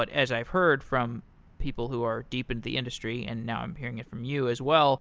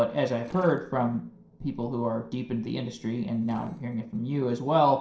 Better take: first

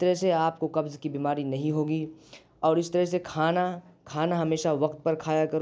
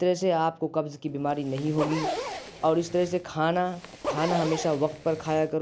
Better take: first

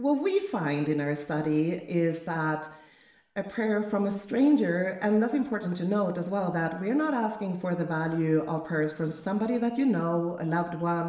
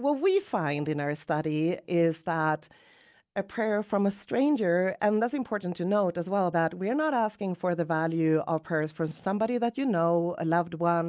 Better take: second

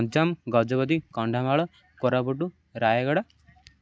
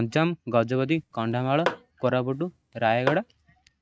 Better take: first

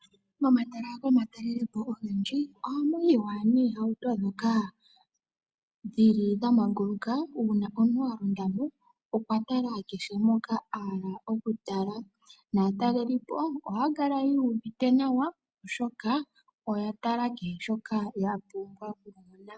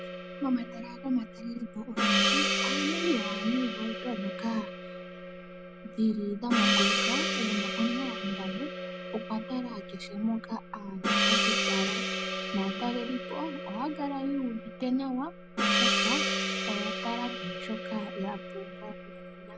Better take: first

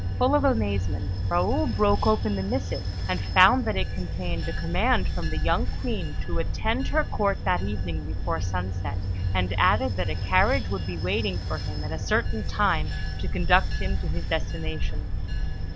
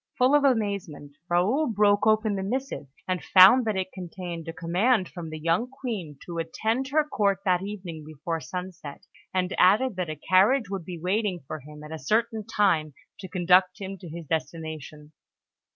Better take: second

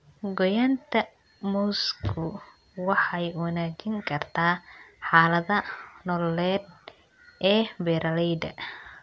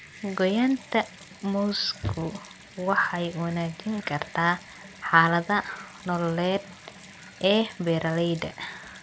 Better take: first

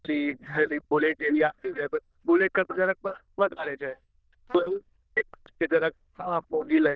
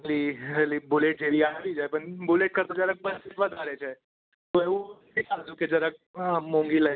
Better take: second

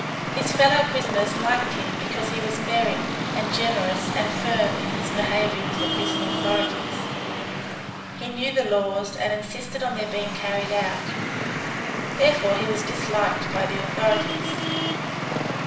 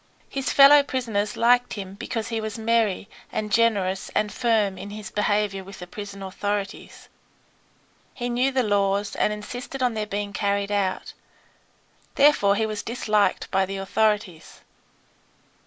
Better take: second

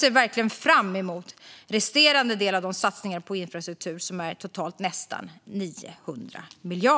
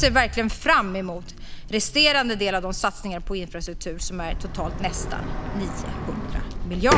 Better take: first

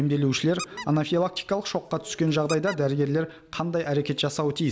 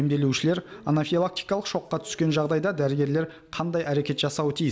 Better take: second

